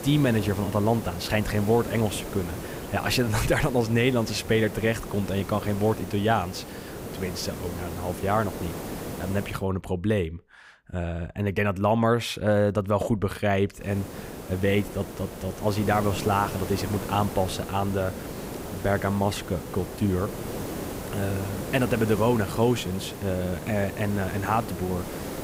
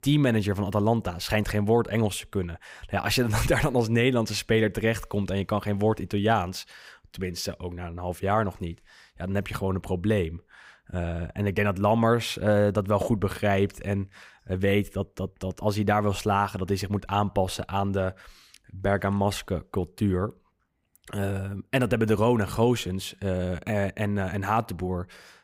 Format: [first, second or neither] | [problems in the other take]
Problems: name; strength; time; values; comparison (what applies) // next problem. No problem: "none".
second | hiss; loud; until 9.5 s and from 14 s on; 9 dB below the speech